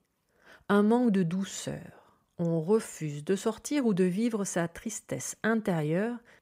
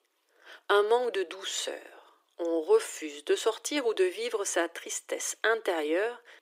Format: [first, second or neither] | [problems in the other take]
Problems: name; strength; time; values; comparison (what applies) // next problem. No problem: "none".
first | thin; very; fading below 300 Hz